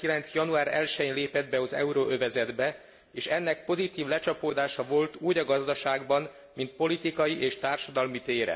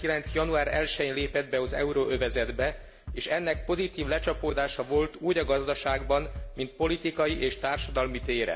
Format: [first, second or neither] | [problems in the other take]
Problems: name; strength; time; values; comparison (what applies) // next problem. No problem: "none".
first | background sound (Bass drum); 10 dB below the speech